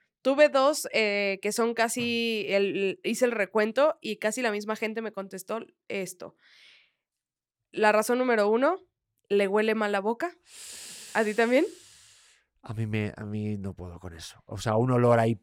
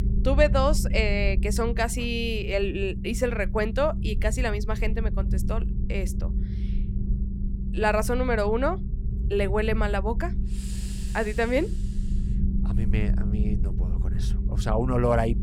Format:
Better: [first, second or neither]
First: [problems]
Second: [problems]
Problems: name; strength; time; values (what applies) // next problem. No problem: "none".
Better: first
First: none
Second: low rumble; noticeable; throughout; 15 dB below the speech